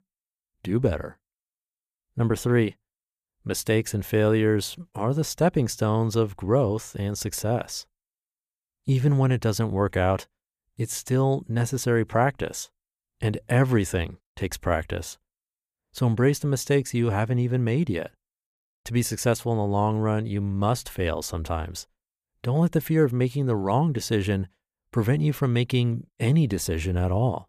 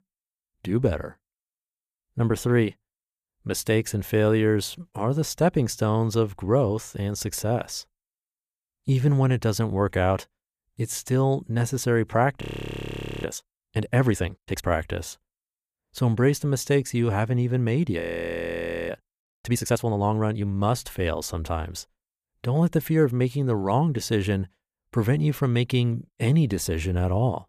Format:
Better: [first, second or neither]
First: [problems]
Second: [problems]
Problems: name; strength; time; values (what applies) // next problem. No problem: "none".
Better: first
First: none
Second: audio freezing; at 12 s for 1 s and at 18 s for 1 s